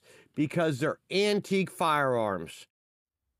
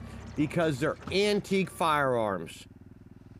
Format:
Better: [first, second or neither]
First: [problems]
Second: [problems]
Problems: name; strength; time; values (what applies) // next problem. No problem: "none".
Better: first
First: none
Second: traffic noise; noticeable; throughout; 20 dB below the speech